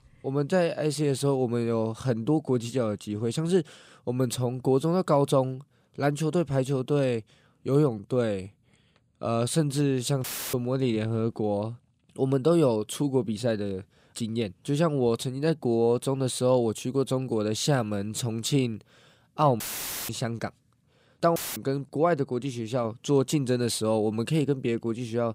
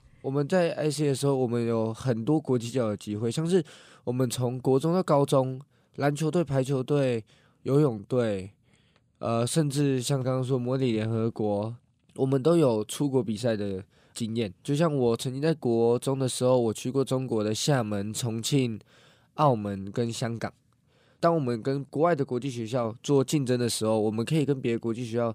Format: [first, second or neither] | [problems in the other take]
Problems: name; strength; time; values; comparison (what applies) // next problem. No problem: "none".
second | audio cutting out; filled with static; at 10 s, at 20 s and at 21 s